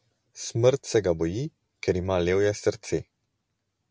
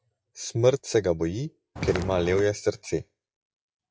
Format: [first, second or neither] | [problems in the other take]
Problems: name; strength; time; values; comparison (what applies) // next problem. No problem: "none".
first | noise reduction (classical method log-MMSE)